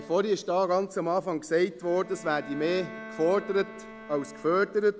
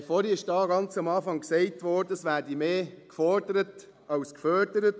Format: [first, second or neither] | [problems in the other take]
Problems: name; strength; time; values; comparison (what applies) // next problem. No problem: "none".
second | background sound (Bowed string instrument); 17 dB below the speech